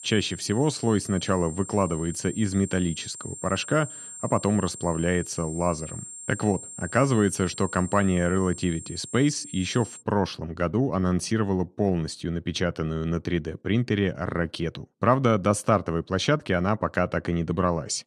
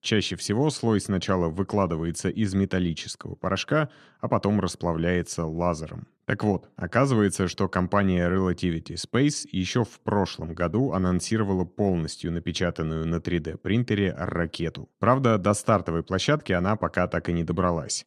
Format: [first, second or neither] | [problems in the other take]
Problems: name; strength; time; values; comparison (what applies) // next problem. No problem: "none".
second | high-pitched whine; noticeable; until 10 s; 7.5 kHz, 10 dB below the speech